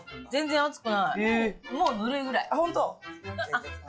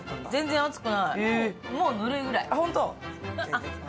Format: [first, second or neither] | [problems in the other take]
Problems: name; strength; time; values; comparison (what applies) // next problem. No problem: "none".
second | noise reduction (classical method log-MMSE)